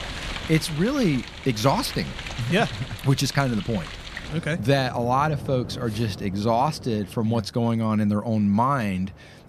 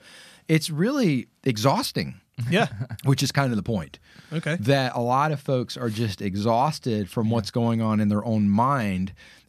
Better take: second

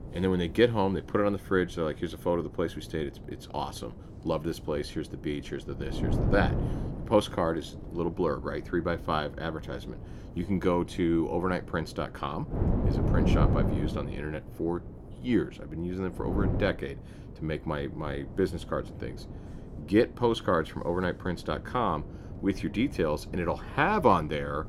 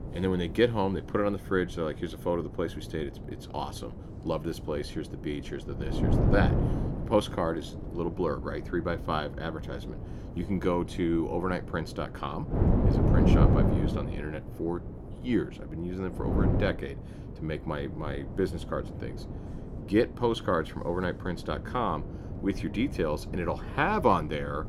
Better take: first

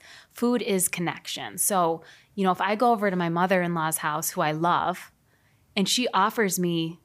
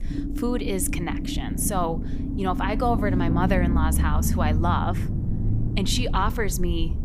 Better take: first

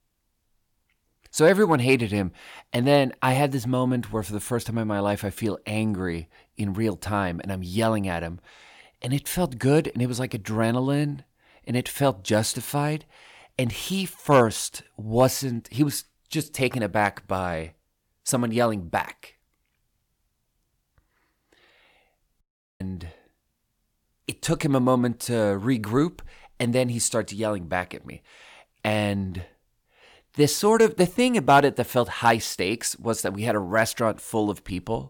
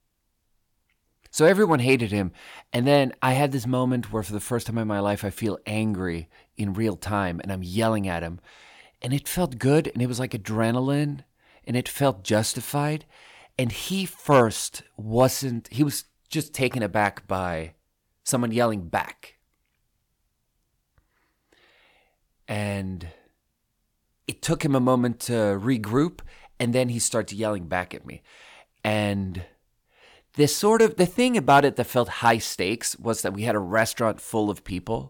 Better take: second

